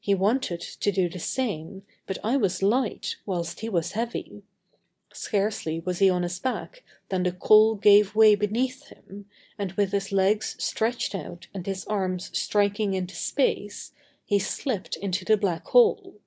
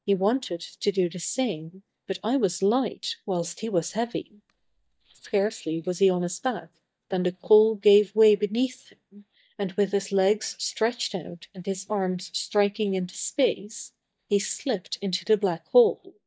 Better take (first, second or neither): first